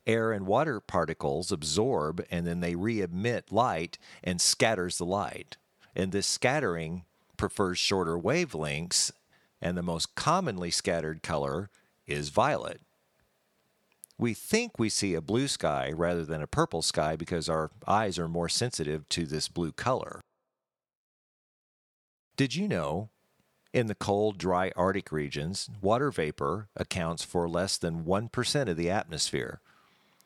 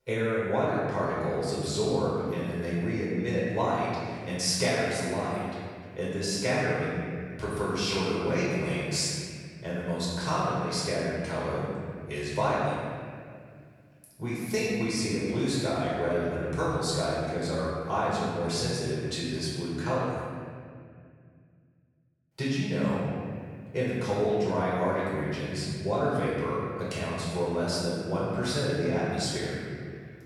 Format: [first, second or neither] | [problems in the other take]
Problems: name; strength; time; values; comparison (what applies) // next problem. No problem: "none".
first | off-mic speech; far // room echo; strong; dies away in 2.2 s